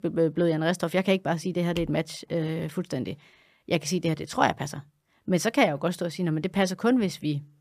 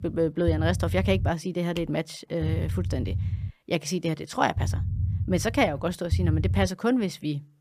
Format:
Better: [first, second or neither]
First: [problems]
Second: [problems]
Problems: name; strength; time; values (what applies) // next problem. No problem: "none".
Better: first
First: none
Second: low rumble; noticeable; until 1.5 s, from 2.5 to 3.5 s and from 4.5 to 6.5 s; 15 dB below the speech